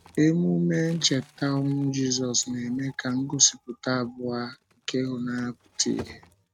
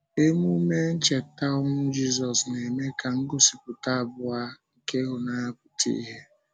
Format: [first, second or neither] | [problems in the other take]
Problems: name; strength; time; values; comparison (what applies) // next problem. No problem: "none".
second | noise reduction (neural mask model RNNoise)